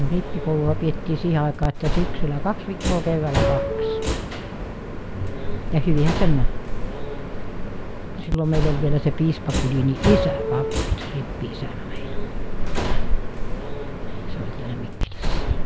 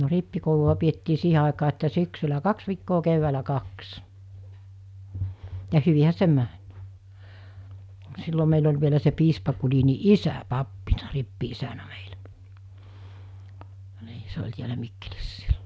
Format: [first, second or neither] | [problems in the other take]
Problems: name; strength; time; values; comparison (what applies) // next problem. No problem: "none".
second | background sound (Subway, metro, underground); 3 dB above the speech